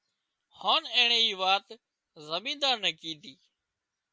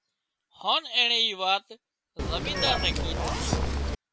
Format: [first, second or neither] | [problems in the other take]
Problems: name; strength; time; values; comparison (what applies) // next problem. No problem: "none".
first | background sound (Zipper (clothing) / Telephone); 2 dB above the speech